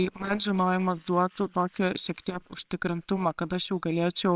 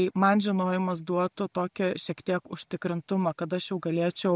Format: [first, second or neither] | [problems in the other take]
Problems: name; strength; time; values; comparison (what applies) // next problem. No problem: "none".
second | noise reduction (neural separator model SepFormer WHAMR!)